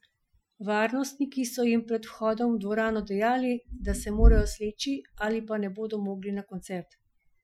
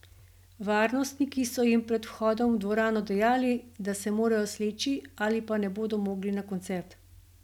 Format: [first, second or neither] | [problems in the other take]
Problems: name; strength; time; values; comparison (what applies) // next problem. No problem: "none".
second | noise reduction (classical method Wiener filter)